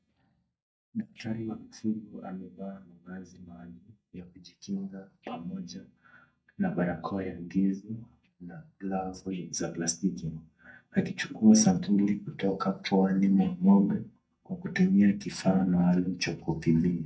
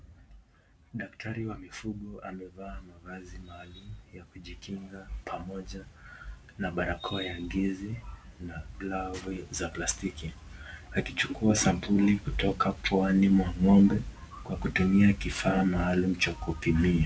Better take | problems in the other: second | noise reduction (neural mask model DeepFilterNet 3)

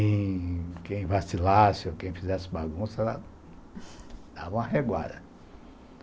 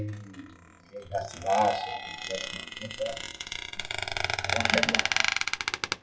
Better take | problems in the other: first | noise reduction (classical method WPE with log-MMSE)

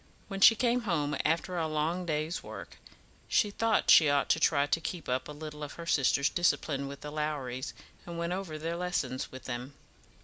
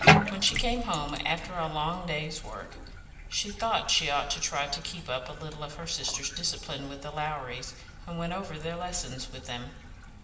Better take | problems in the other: first | background sound (Bathtub (filling or washing)); as loud as the speech // room echo; dies away in 1 s

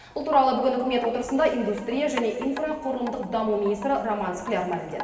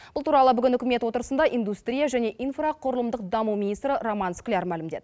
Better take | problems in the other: second | background sound (Wind chime); 16 dB below the speech // room echo; dies away in 2.3 s

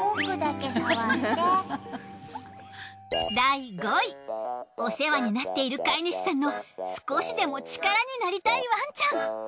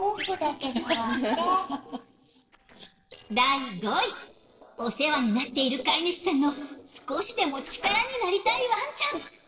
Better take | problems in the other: first | noise reduction (neural separator model SepFormer DNS4)

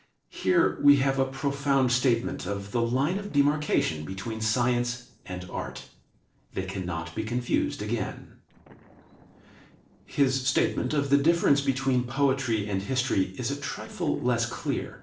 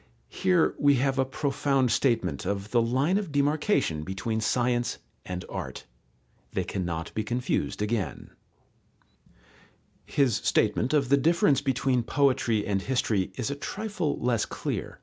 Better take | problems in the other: second | noise reduction (neural separator model SepFormer DNS4)

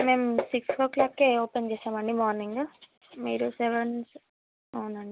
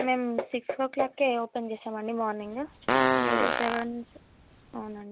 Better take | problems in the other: first | background sound (Fart); 2 dB above the speech

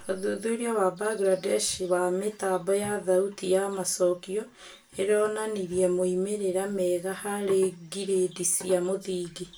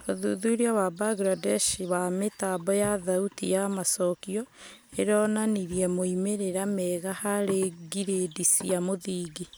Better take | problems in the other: second | room echo; dies away in 0.2 s

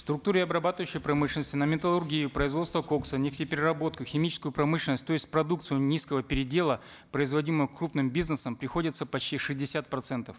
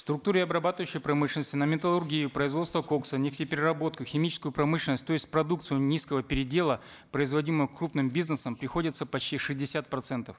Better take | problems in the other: first | noise reduction (neural mask model Resemble Enhance denoiser)

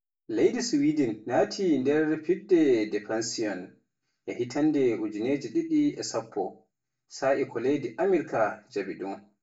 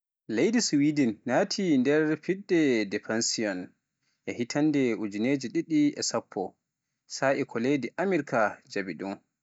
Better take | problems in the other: second | room echo; dies away in 0.3 s

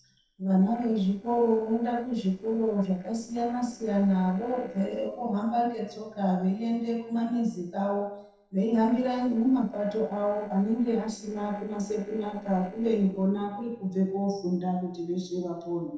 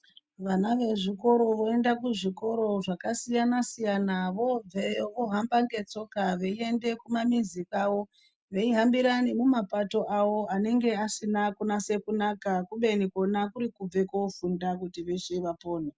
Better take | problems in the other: second | noise reduction (neural separator model SepFormer DNS4)

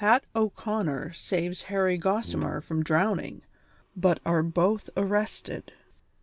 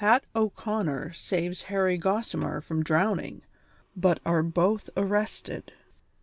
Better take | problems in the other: second | background sound (Brass instrument); 15 dB below the speech

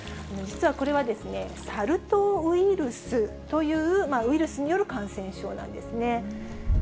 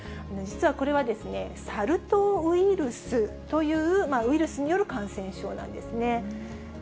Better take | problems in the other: second | background sound (Toilet flush); 11 dB below the speech

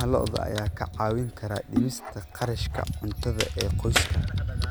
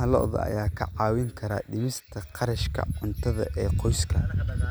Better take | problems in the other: second | background sound (Typing + Crack); 7 dB below the speech

